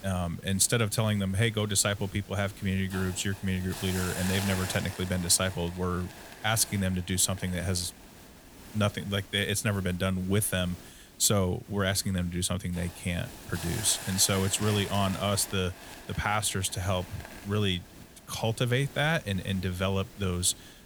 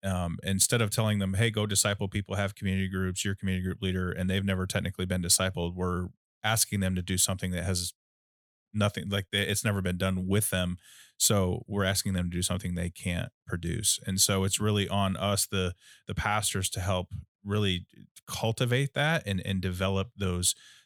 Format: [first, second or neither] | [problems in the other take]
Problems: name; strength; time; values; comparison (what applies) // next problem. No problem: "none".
second | hiss; noticeable; throughout; 15 dB below the speech